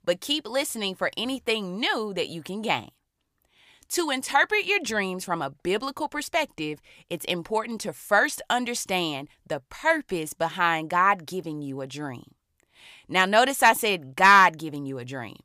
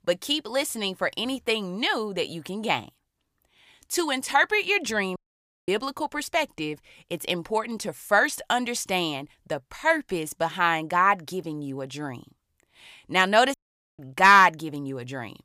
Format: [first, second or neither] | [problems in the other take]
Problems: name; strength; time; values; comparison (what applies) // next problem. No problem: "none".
first | audio cutting out; at 5 s for 0.5 s and at 14 s